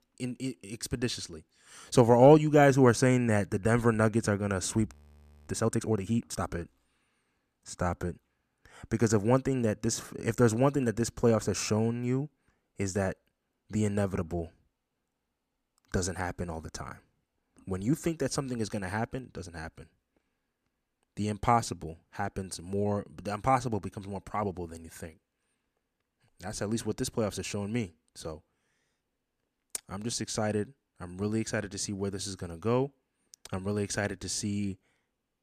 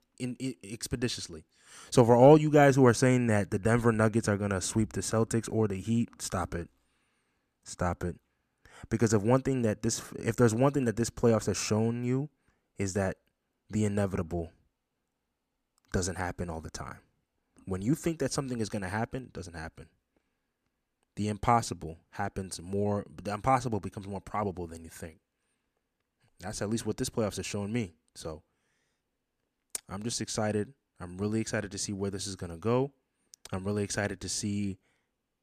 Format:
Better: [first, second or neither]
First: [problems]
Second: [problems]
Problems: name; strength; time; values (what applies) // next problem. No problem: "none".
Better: second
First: audio freezing; at 5 s for 0.5 s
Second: none